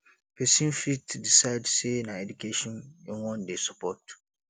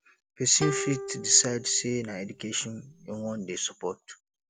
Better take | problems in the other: first | background sound (Plucked string instrument); 8 dB below the speech

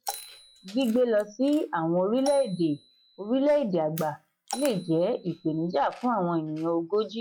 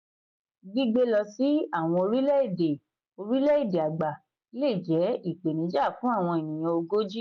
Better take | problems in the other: second | noise reduction (classical method log-MMSE)

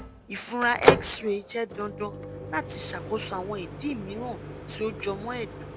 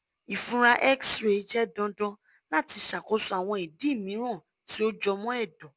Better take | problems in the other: second | background sound (Microwave oven); 1 dB above the speech

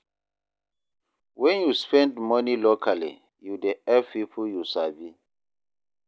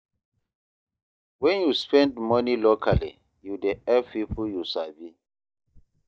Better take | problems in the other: first | noise reduction (neural mask model DeepFilterNet 3)

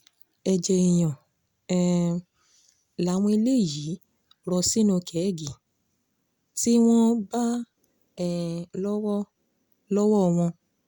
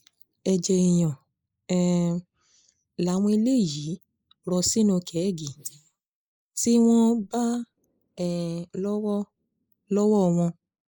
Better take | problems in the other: first | noise reduction (neural mask model Resemble Enhance denoiser)

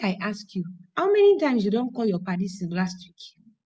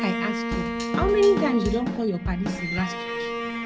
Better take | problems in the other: first | background sound (Drum kit + Bowed string instrument); 2 dB below the speech

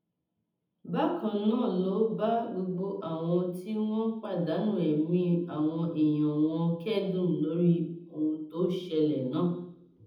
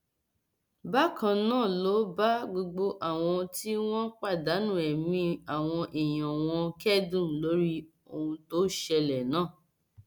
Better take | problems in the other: second | room echo; dies away in 0.8 s

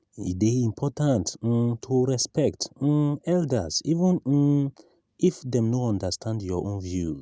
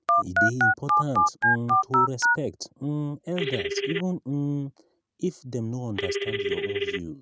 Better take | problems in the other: first | noise reduction (neural mask model RNNoise)

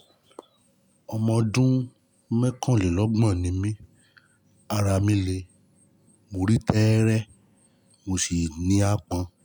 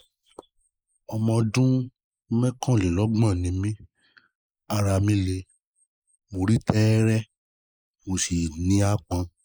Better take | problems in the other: first | noise reduction (neural mask model Resemble Enhance denoiser)

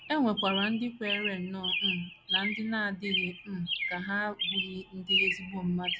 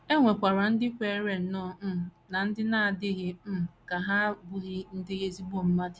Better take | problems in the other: second | background sound (Chirp, tweet); 1 dB below the speech

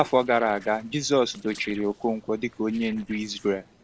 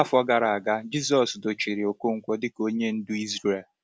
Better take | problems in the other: second | noise reduction (neural separator model SepFormer DNS4)

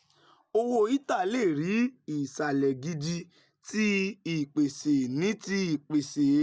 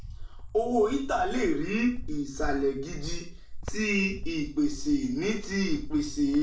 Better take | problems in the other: first | background sound (Cricket); 6 dB below the speech // room echo; dies away in 0.4 s

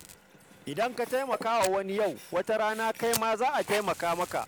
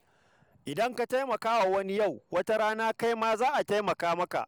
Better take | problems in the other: second | background sound (Fire + Sink (filling or washing)); 12 dB below the speech

